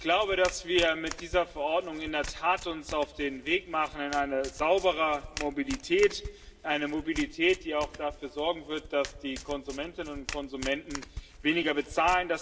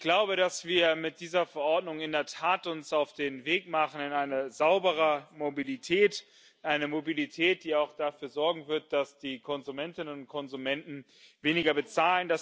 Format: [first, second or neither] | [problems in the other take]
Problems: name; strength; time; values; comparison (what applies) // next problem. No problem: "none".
second | background sound (Domestic sounds, home sounds); 14 dB below the speech // room echo; dies away in 0.6 s